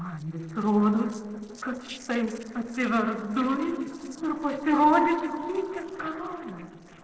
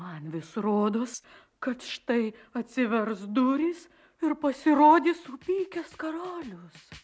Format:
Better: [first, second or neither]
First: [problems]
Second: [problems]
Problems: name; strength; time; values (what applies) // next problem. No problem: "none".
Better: second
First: noise reduction (neural separator model SepFormer DNS4)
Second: none